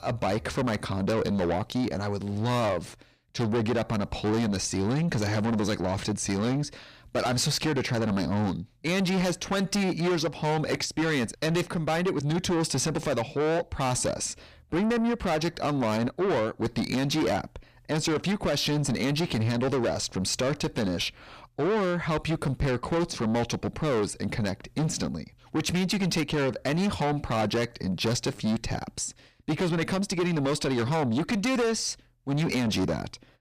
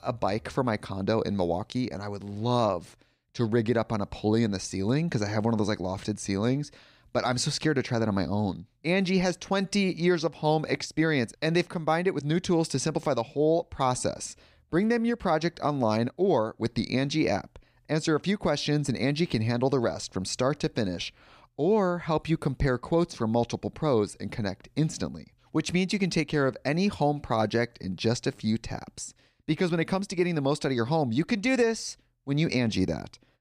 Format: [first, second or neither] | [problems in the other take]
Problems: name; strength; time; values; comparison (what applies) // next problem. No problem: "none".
second | distortion; heavy; 6 dB below the speech